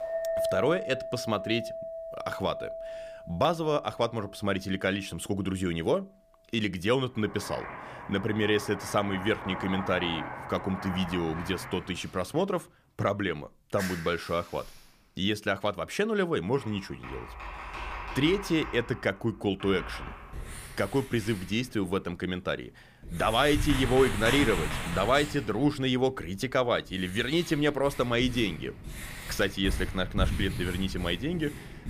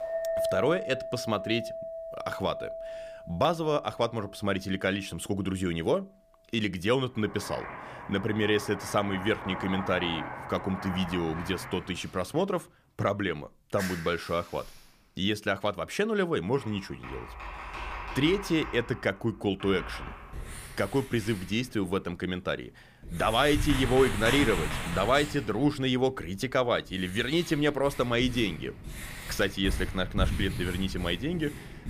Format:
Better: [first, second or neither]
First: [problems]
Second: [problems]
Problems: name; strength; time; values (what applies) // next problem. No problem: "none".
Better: neither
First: household noises; loud; throughout; 8 dB below the speech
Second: household noises; loud; throughout; 8 dB below the speech